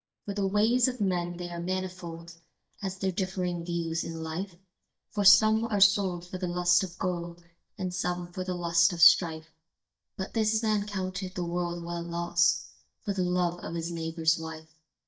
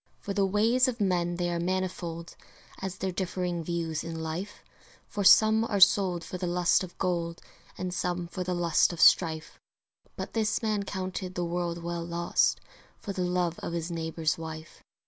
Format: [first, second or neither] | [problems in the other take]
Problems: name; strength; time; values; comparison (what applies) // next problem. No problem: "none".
second | noise reduction (neural mask model DeepFilterNet 3)